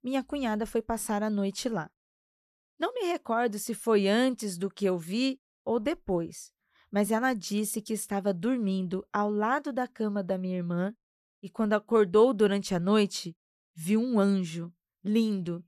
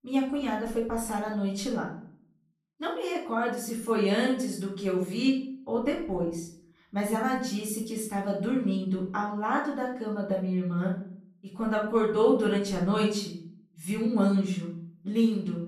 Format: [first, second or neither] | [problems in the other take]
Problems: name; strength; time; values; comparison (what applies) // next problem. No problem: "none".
first | off-mic speech; far // room echo; slight; dies away in 0.5 s